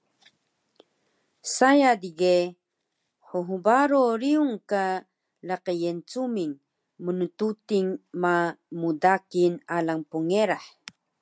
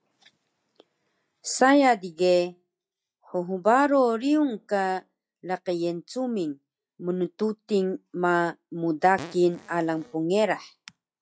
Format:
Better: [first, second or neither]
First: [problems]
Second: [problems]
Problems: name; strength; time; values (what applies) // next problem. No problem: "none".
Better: first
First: none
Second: noise reduction (classical method log-MMSE)